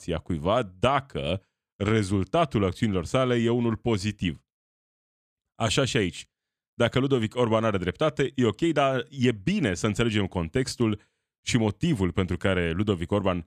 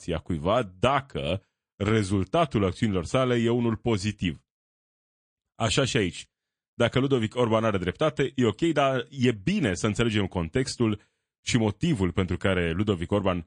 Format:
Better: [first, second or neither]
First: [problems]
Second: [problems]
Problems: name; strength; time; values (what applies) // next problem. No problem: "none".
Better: first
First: none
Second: garbled, watery; slightly; nothing above 9 kHz